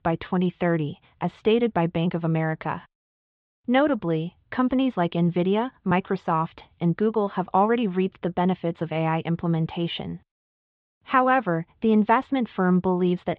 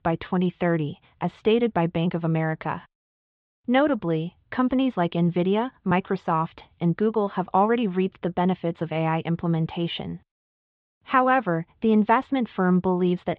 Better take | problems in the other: neither | muffled; very; fading above 3.5 kHz; the same in both

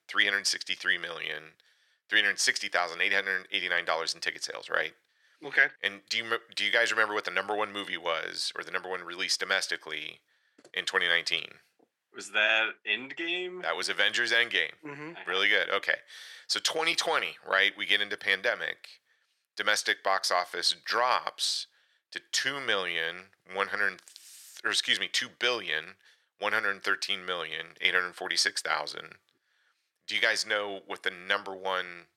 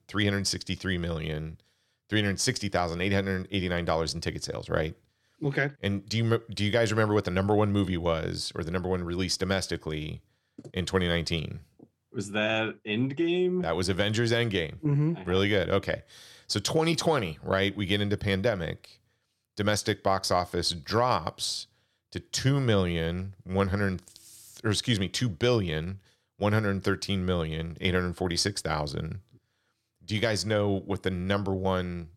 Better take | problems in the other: second | thin; very; fading below 650 Hz

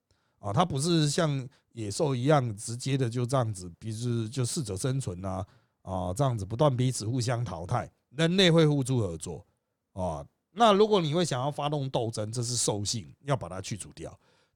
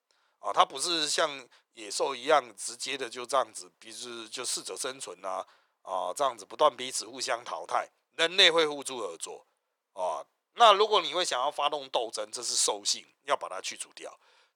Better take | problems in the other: first | thin; very; fading below 500 Hz

